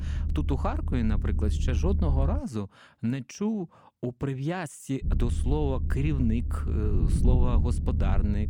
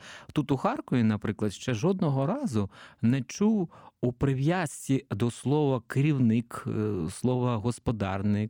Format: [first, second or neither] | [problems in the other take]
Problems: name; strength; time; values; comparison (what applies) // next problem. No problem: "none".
second | low rumble; loud; until 2.5 s and from 5 s on; 8 dB below the speech